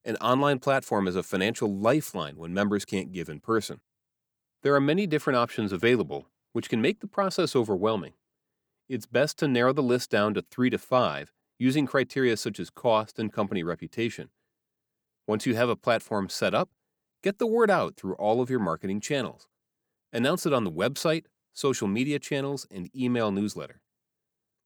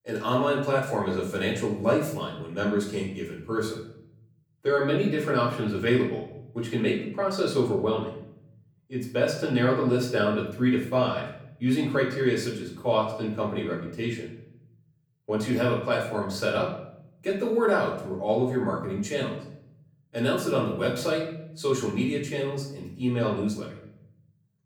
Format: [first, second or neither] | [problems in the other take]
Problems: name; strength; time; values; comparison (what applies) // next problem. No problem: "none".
first | off-mic speech; far // room echo; noticeable; dies away in 0.7 s